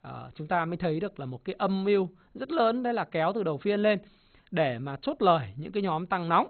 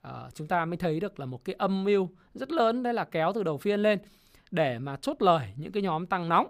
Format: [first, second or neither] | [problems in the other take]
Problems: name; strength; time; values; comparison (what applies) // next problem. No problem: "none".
second | garbled, watery; badly; nothing above 4 kHz